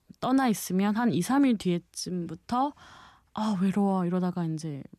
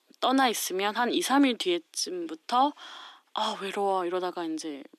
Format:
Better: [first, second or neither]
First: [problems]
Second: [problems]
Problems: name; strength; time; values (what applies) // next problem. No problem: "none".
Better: first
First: none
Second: thin; somewhat; fading below 300 Hz